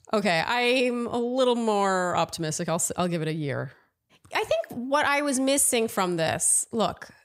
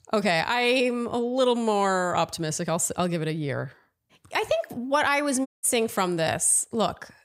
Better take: first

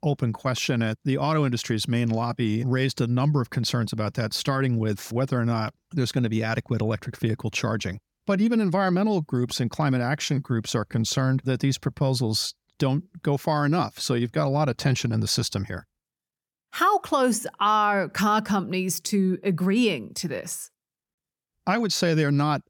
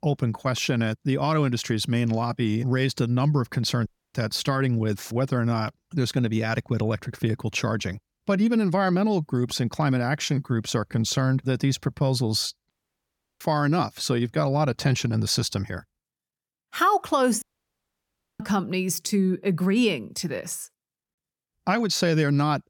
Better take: first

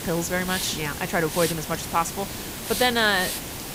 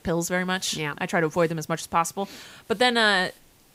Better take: second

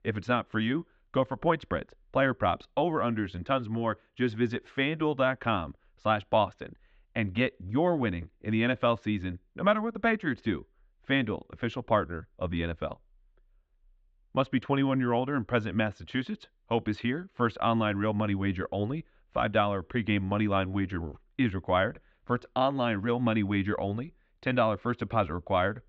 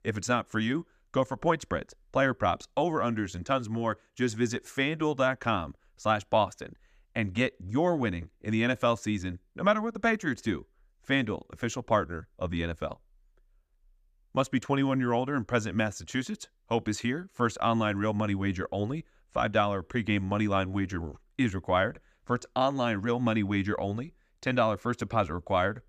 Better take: second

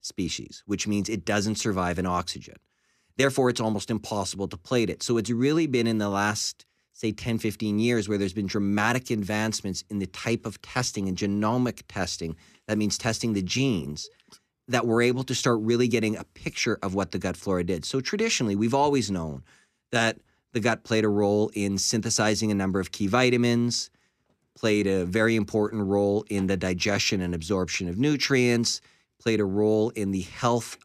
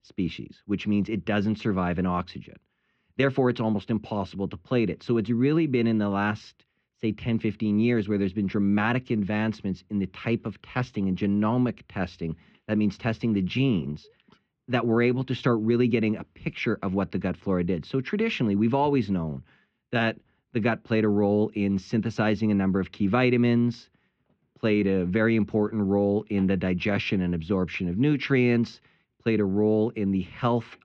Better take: first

